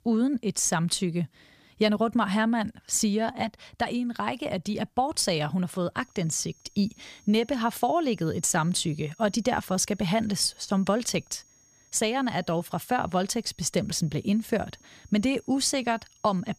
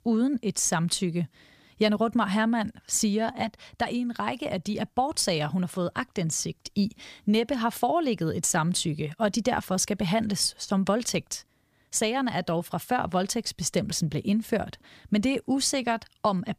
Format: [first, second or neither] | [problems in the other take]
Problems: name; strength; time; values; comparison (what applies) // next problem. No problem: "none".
second | high-pitched whine; faint; from 6 s on; 6.5 kHz, 30 dB below the speech